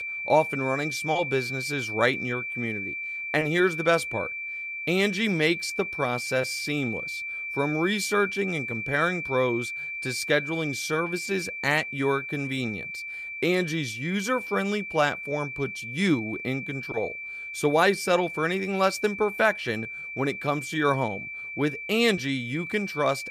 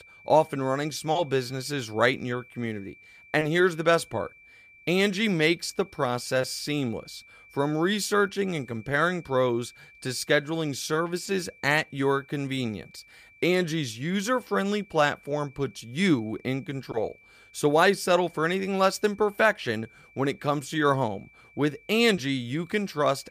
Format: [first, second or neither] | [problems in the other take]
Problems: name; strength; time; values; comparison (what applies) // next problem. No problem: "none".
second | high-pitched whine; loud; throughout; 2.5 kHz, 6 dB below the speech; faint in the second